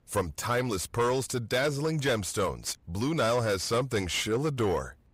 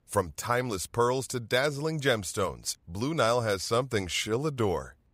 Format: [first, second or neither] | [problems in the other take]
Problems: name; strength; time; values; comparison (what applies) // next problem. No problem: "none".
second | distortion; slight; 10 dB below the speech